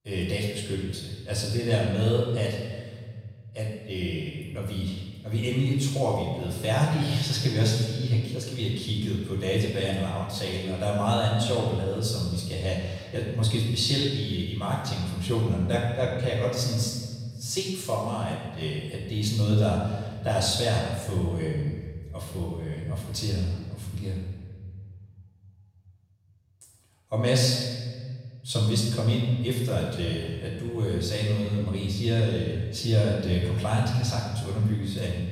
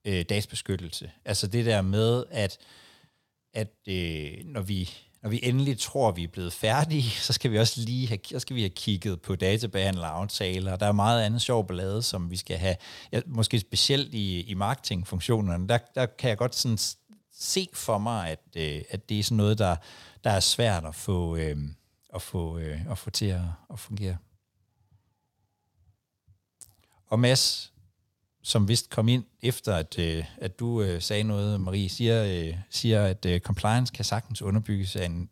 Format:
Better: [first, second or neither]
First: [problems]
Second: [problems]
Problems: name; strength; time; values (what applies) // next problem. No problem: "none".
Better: second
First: room echo; noticeable; dies away in 1.6 s // off-mic speech; far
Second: none